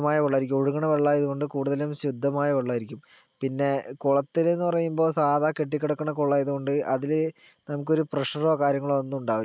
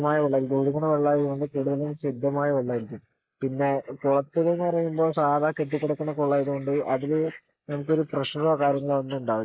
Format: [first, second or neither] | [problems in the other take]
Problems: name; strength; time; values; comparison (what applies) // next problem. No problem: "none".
first | noise reduction (neural mask model Resemble Enhance denoiser)